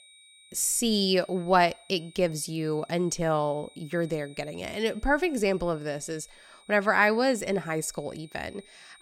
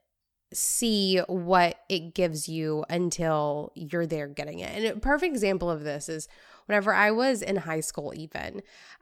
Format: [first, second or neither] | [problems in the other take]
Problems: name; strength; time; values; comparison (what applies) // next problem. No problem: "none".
second | high-pitched whine; faint; throughout; 4 kHz, 25 dB below the speech